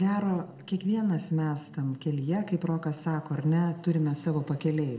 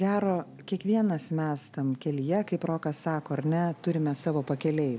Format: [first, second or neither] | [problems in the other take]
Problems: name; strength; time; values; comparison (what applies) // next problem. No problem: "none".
second | room echo; dies away in 1.5 s